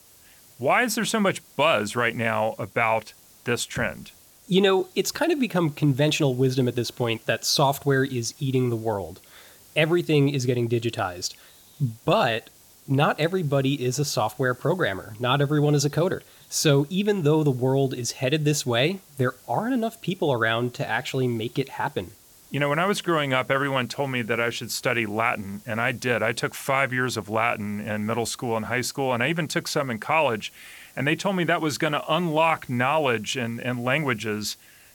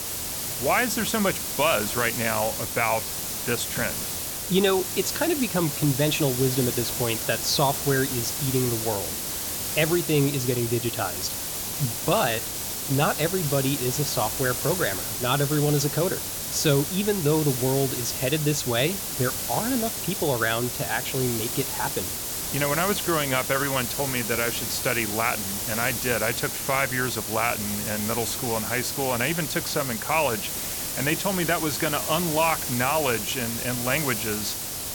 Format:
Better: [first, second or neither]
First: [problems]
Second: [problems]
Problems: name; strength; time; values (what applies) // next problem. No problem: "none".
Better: first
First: hiss; faint; throughout; 25 dB below the speech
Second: hiss; loud; throughout; 2 dB below the speech